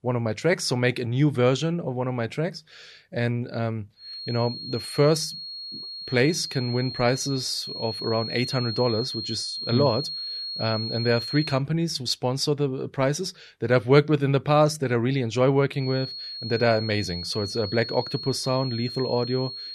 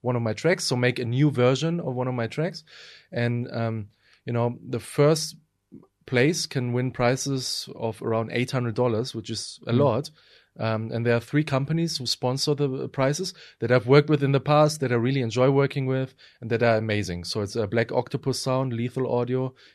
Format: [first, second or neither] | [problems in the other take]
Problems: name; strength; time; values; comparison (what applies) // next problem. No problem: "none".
second | high-pitched whine; loud; from 4 to 12 s and from 16 s on; 4.5 kHz, 7 dB below the speech